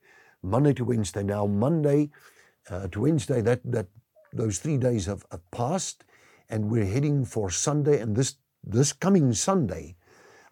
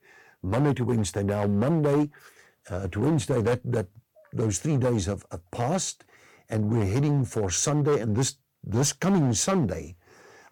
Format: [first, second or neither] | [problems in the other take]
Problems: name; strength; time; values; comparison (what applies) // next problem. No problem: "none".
first | distortion; slight; 8% of the sound clipped